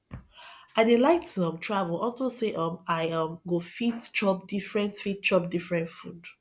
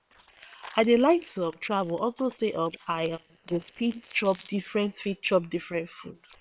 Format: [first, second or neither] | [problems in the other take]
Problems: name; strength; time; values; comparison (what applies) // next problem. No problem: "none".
first | noise reduction (neural separator model SepFormer WHAM!)